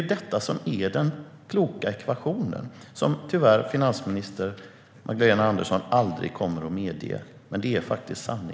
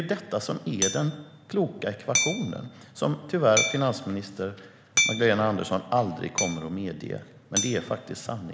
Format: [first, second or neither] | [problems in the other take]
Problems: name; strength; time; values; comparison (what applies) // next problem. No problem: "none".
first | background sound (Hammer); 5 dB below the speech